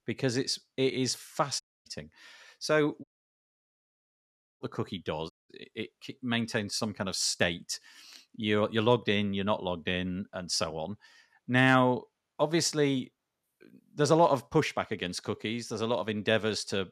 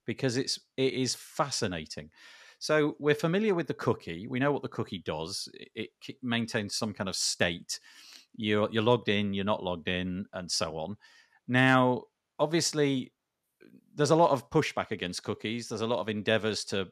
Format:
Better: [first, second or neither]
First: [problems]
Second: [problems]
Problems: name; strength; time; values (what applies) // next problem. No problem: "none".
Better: second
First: audio cutting out; at 1.5 s, at 3 s for 1.5 s and at 5.5 s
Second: none